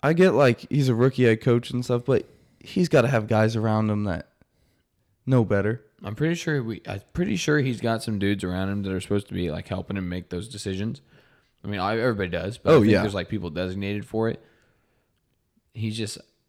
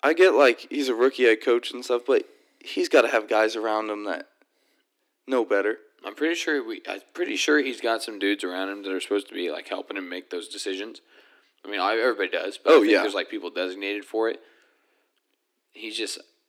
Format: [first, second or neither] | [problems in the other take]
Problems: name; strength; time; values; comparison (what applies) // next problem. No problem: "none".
first | thin; somewhat; fading below 300 Hz